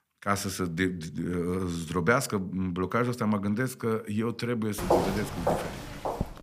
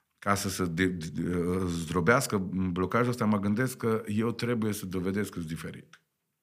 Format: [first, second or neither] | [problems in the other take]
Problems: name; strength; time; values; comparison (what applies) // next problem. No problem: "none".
second | footsteps; loud; from 5 s on; peak 3 dB above the speech